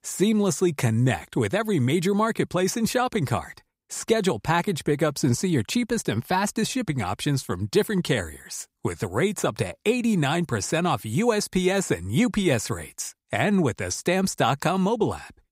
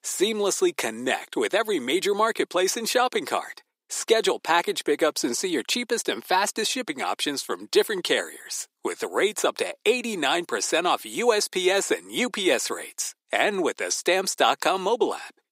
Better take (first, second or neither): first